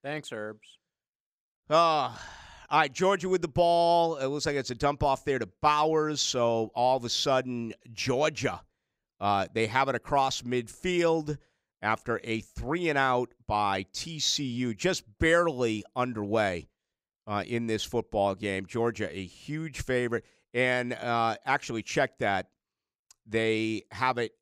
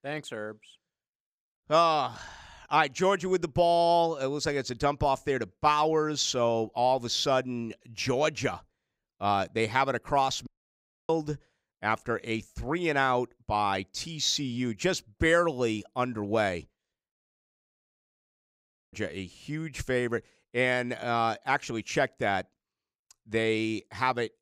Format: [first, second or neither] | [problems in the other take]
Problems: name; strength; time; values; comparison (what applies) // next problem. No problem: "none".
first | audio cutting out; at 10 s for 0.5 s and at 17 s for 2 s